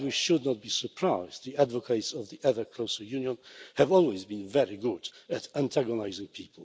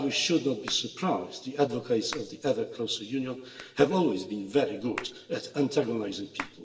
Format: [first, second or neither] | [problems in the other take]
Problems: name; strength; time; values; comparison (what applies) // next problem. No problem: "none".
first | background sound (Hands); 18 dB below the speech // room echo; dies away in 1.1 s